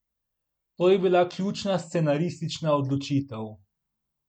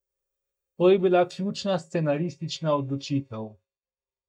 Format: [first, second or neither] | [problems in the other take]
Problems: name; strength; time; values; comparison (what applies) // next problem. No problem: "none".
first | noise reduction (neural mask model DeepFilterNet 3)